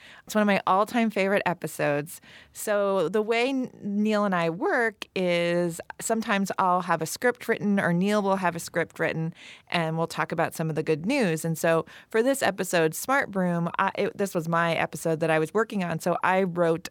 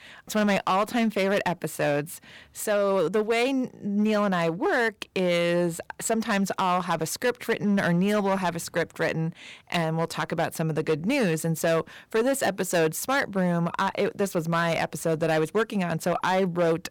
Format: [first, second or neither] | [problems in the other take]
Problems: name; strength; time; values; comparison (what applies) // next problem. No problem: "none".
first | distortion; slight; 7% of the sound clipped